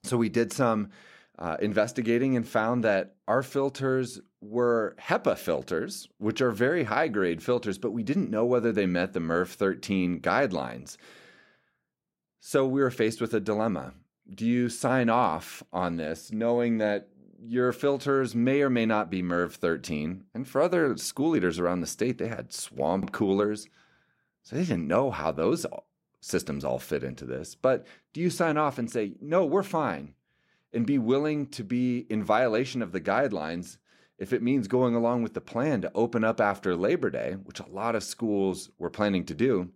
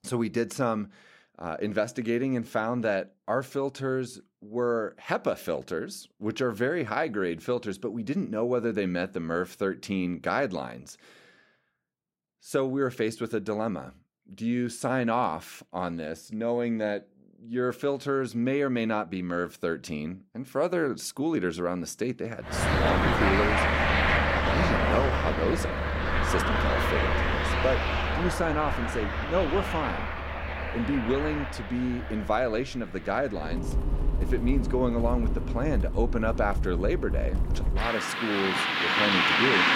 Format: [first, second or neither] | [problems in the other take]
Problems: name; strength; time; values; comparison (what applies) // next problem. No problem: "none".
first | traffic noise; very loud; from 23 s on; 3 dB above the speech